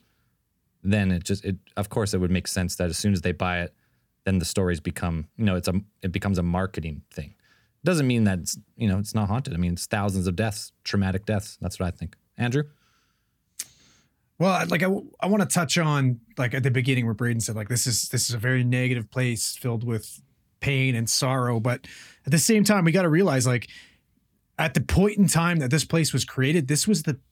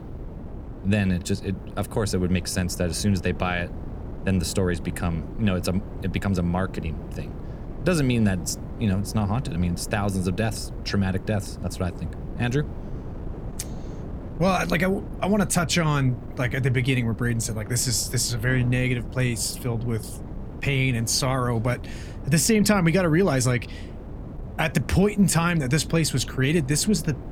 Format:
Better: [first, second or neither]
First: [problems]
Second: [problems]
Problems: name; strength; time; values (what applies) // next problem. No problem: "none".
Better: first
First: none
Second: wind noise on the microphone; occasional gusts; 15 dB below the speech